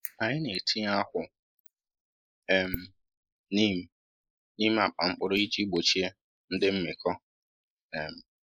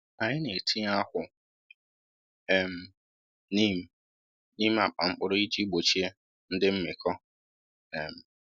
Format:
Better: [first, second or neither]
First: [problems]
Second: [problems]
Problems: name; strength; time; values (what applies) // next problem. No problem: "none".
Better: second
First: noise reduction (neural mask model Resemble Enhance denoiser)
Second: none